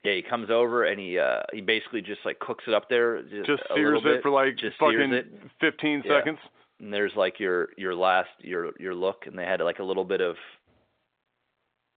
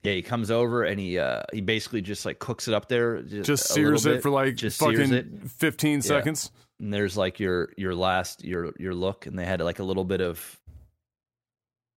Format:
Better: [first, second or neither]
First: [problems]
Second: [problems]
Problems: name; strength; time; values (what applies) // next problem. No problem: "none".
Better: second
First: phone-call audio; nothing above 3.5 kHz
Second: none